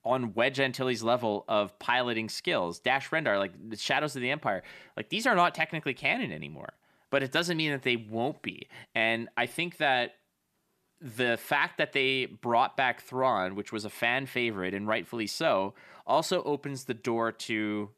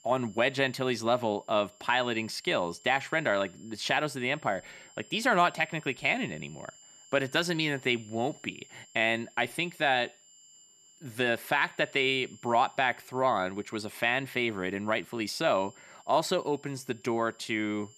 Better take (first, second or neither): first